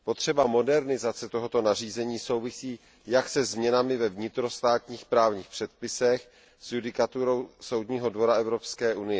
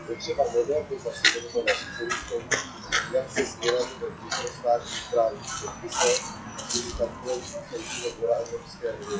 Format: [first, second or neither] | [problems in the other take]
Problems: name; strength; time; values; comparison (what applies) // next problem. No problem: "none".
first | noise reduction (classical method WPE with log-MMSE)